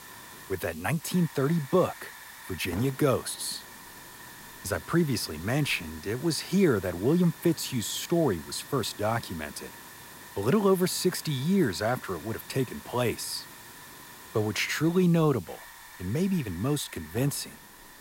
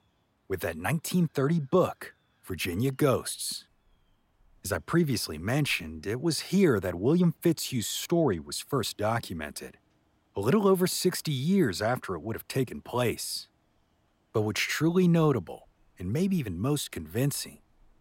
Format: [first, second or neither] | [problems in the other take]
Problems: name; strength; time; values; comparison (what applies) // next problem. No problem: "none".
second | hiss; noticeable; throughout; 15 dB below the speech